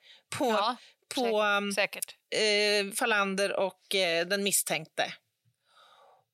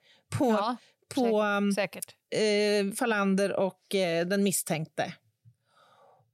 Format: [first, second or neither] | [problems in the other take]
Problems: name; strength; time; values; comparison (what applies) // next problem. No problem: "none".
second | thin; somewhat; fading below 700 Hz